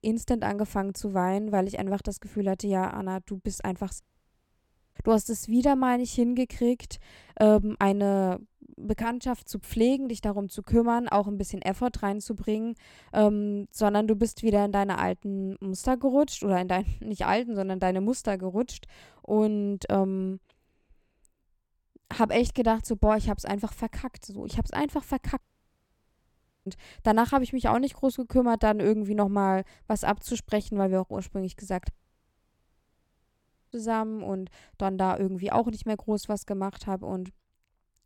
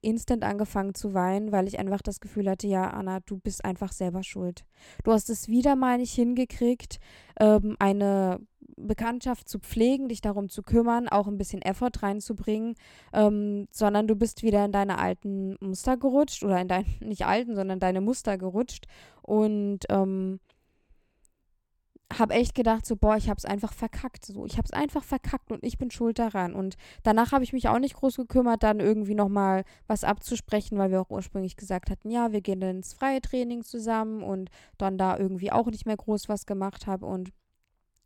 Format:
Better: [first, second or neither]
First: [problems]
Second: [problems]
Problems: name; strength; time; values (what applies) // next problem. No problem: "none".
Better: second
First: audio cutting out; at 4 s for 1 s, at 25 s for 1.5 s and at 32 s for 2 s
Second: none